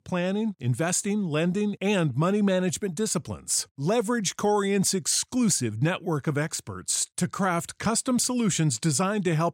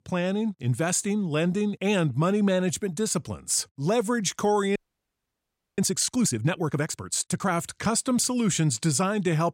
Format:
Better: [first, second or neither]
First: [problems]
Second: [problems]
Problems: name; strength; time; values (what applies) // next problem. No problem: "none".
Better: first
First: none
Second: audio freezing; at 5 s for 1 s